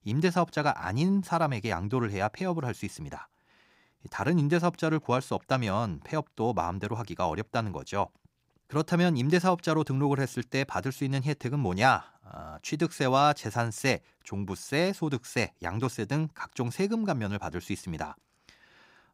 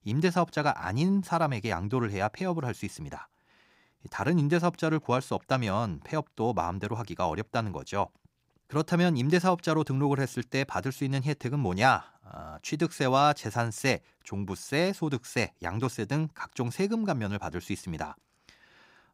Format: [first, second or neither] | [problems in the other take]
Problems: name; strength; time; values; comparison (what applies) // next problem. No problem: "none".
neither | none